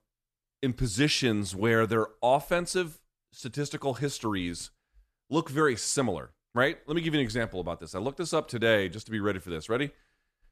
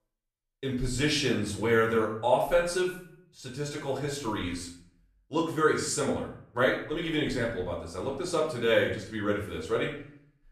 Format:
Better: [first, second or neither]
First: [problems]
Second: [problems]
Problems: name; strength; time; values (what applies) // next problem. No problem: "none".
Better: first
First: none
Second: off-mic speech; far // room echo; slight; dies away in 0.5 s